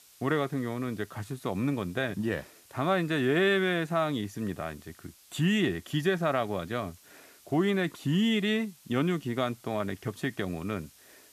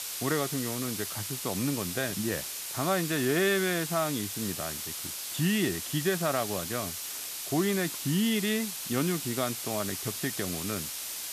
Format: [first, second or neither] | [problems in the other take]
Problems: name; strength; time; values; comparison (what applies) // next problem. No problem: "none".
first | hiss; loud; throughout; 3 dB below the speech; faint in the first